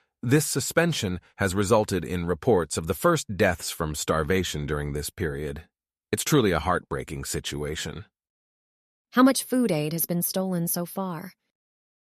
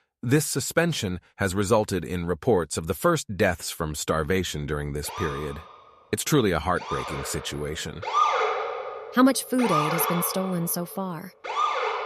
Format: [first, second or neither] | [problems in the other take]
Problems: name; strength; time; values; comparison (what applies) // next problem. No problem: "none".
first | siren; loud; from 5 s on; peak 4 dB above the speech